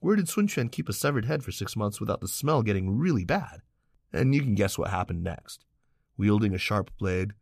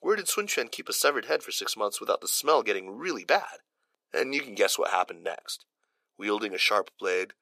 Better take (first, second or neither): first